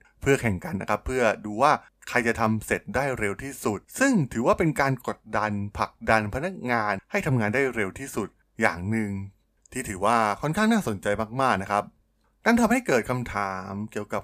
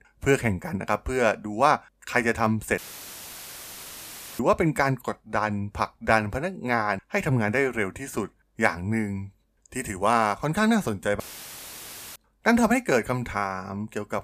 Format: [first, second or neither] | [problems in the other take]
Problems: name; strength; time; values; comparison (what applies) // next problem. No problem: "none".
first | audio cutting out; filled with static; at 3 s for 1.5 s and at 11 s for 1 s